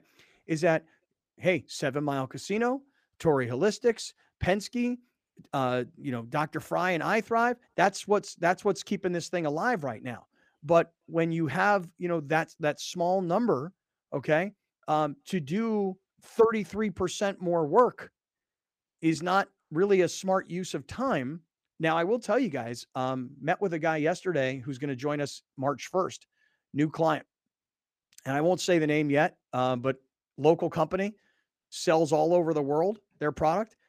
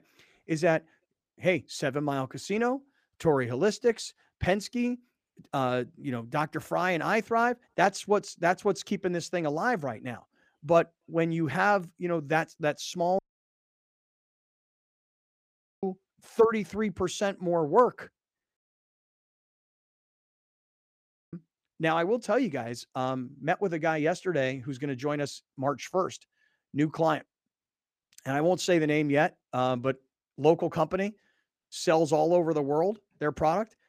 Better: first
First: none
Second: audio cutting out; at 13 s for 2.5 s and at 19 s for 3 s

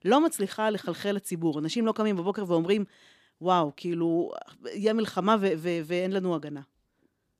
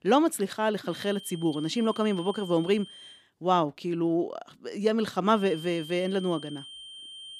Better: first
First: none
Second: high-pitched whine; noticeable; from 1 to 3 s and from 5.5 s on; 3 kHz, 15 dB below the speech

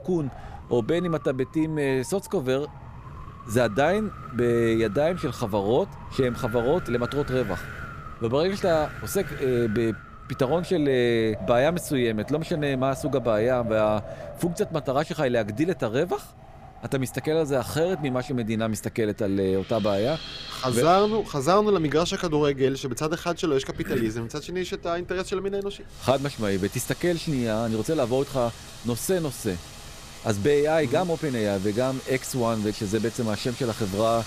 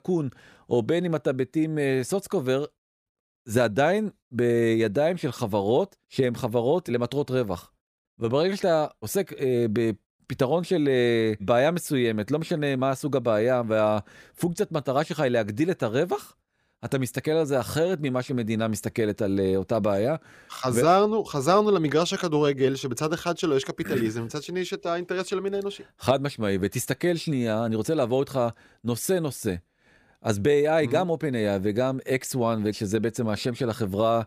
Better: second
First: wind in the background; noticeable; throughout; 15 dB below the speech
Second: none

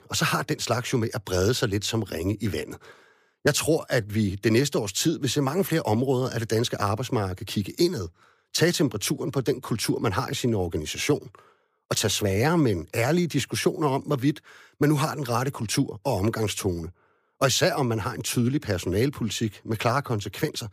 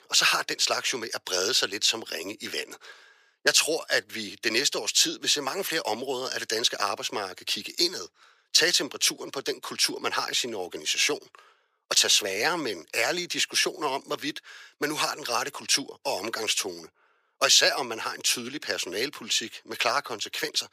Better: first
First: none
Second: thin; very; fading below 500 Hz

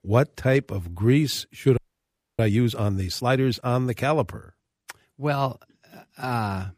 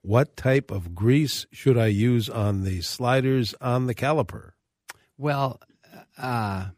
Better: second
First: audio freezing; at 2 s for 0.5 s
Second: none

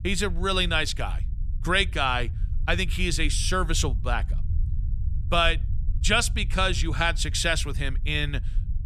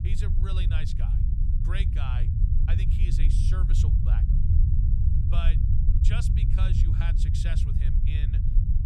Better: first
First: low rumble; faint; throughout; 25 dB below the speech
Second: low rumble; loud; throughout; as loud as the speech

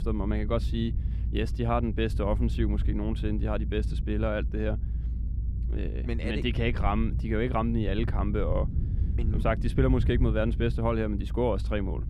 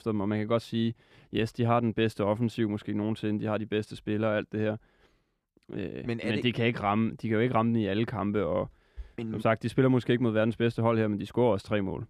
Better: second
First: low rumble; noticeable; throughout; 15 dB below the speech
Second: none

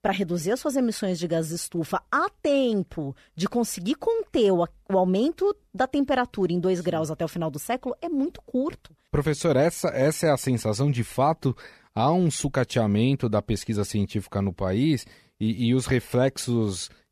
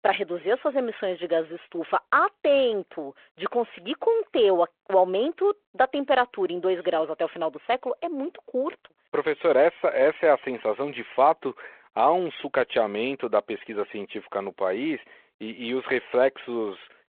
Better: first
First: none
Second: phone-call audio

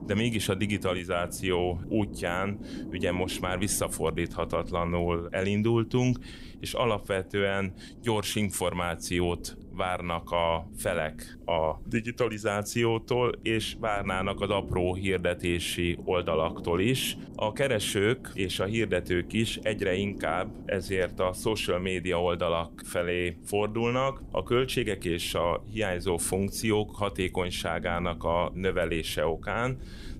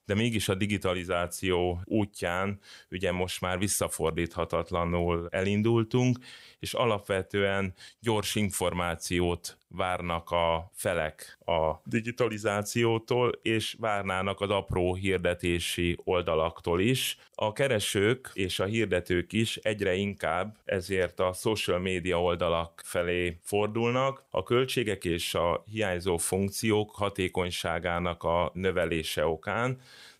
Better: second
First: low rumble; noticeable; throughout; 20 dB below the speech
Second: none

